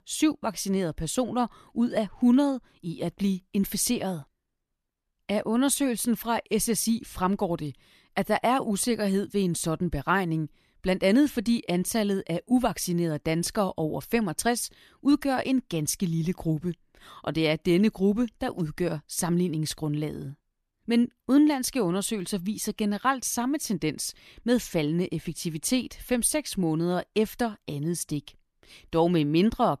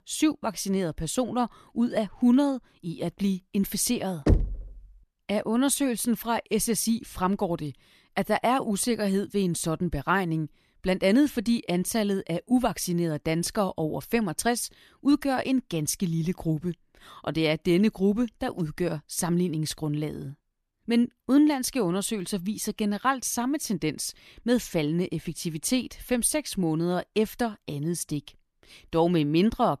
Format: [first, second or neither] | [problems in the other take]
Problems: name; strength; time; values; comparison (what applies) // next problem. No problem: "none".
first | door banging; loud; at 4.5 s; peak 2 dB above the speech